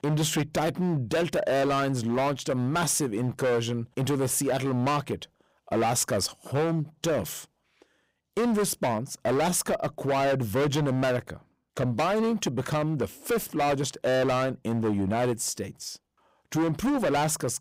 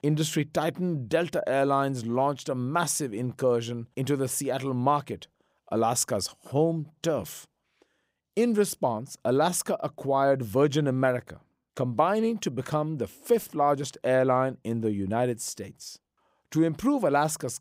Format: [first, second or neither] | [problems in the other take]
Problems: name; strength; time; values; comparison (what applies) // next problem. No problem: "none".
second | distortion; heavy; 19% of the sound clipped